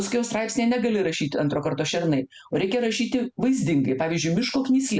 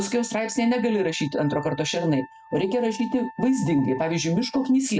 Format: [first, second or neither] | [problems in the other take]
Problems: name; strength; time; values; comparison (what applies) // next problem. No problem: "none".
first | noise reduction (neural mask model RNNoise)